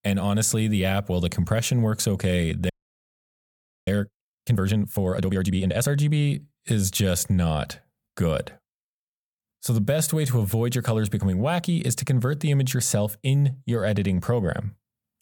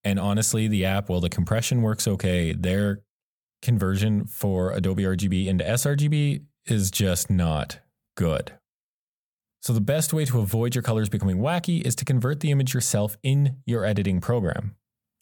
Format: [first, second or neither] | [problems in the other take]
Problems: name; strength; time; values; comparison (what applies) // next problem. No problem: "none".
second | audio freezing; at 2.5 s for 1 s